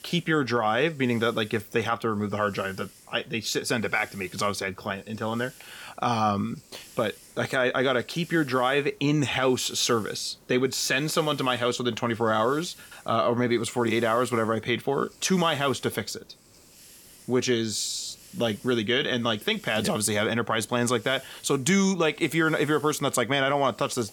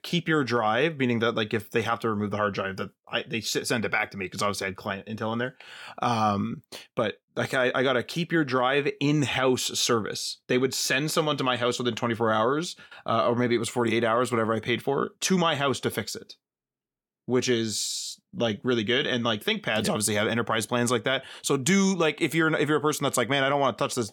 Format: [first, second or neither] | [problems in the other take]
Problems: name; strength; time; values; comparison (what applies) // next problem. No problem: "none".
second | hiss; faint; throughout; 25 dB below the speech